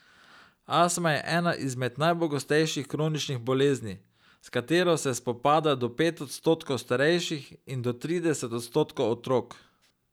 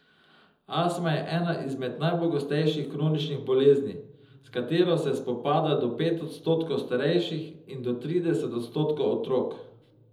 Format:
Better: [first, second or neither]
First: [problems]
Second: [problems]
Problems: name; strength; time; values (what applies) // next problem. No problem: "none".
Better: first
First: none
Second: room echo; dies away in 0.8 s